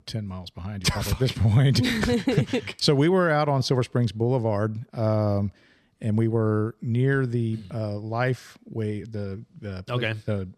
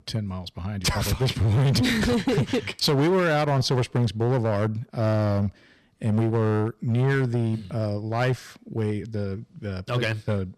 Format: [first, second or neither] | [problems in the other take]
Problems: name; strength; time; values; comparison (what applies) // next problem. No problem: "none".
first | distortion; slight; 12% of the sound clipped